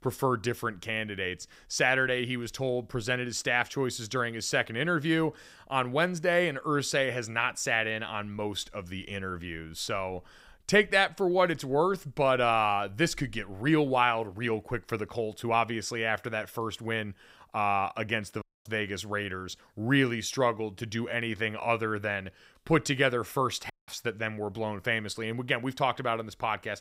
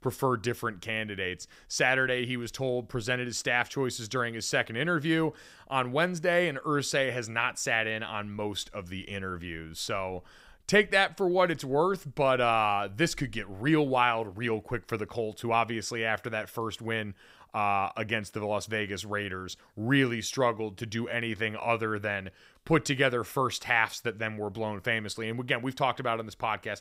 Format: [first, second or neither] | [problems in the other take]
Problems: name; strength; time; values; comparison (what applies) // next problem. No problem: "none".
second | audio cutting out; at 18 s and at 24 s